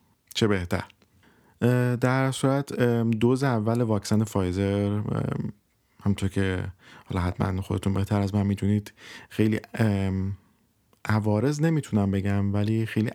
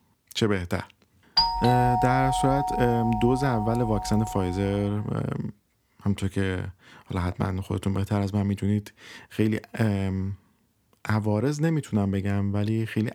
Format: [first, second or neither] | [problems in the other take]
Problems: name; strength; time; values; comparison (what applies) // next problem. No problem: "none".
first | doorbell; loud; from 1.5 to 4.5 s; peak 5 dB above the speech